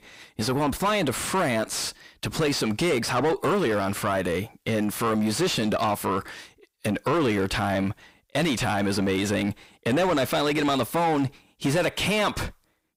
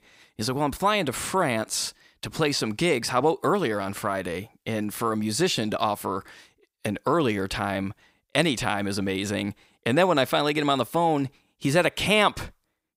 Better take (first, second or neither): second